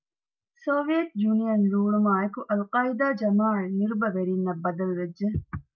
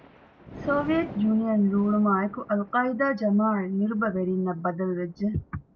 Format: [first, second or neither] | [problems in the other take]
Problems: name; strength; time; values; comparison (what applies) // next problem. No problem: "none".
first | background sound (Thunder); 18 dB below the speech